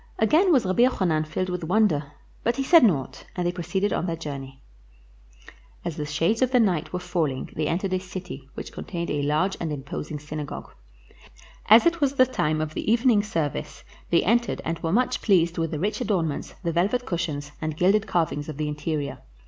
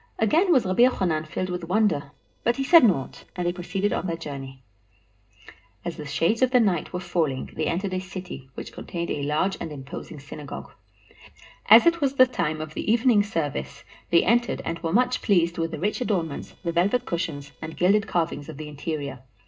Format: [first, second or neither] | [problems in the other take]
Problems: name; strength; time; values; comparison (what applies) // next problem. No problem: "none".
first | noise reduction (neural separator model SepFormer DNS4)